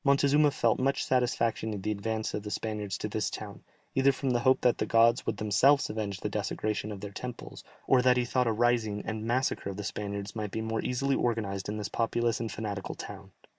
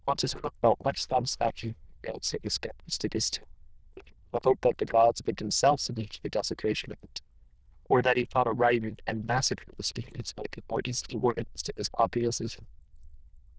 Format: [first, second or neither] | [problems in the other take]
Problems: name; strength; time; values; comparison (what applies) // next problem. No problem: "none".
first | noise reduction (neural diffusion model UNIVERSE++)